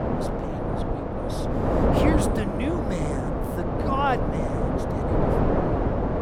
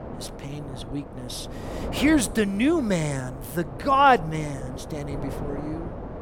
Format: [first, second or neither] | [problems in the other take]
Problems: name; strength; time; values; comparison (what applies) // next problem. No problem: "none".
second | wind noise on the microphone; heavy; 2 dB above the speech; occasional gusts in the second